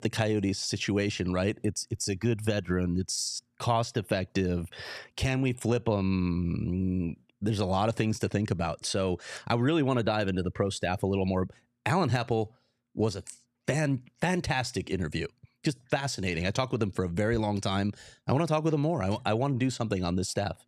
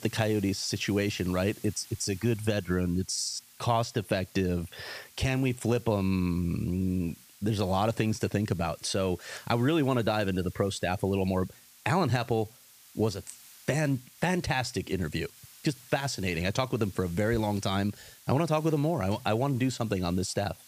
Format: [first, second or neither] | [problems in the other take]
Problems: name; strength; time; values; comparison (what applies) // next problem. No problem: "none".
first | hiss; faint; throughout; 20 dB below the speech